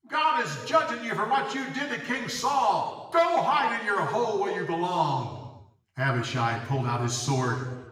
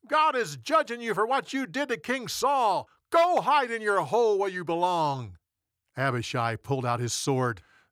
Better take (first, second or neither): second